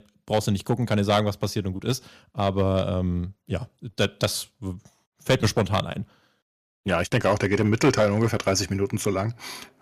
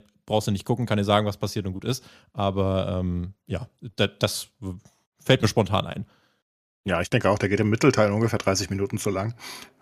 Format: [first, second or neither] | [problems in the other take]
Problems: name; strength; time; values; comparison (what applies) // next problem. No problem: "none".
second | distortion; slight; 1.6% of the sound clipped